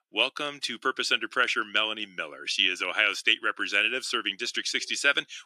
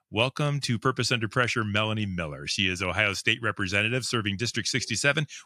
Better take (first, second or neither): second